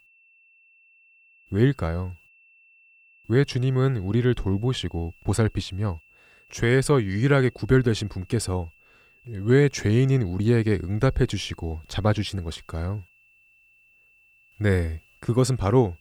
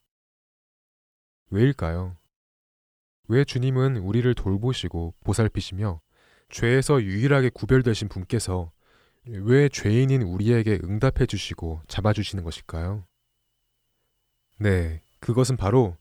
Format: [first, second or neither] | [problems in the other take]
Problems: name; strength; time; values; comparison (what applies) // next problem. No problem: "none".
second | high-pitched whine; faint; throughout; 2.5 kHz, 30 dB below the speech